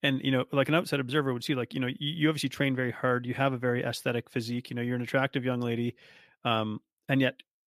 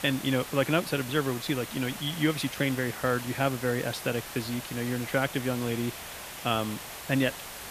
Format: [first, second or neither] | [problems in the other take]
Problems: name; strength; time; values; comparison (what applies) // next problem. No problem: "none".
first | hiss; loud; throughout; 9 dB below the speech